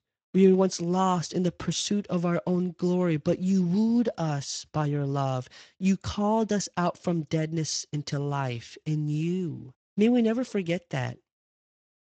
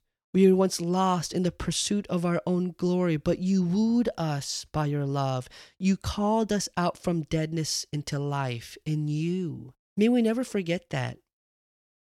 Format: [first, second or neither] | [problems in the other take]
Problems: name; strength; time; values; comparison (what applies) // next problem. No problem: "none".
second | garbled, watery; slightly; nothing above 7.5 kHz